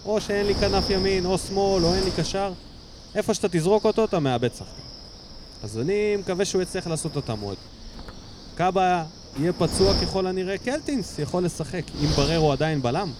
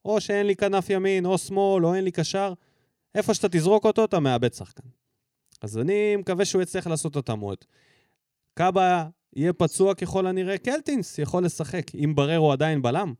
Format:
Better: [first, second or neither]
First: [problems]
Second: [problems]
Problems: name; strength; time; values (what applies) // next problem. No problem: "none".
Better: second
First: wind noise on the microphone; heavy; 8 dB below the speech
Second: none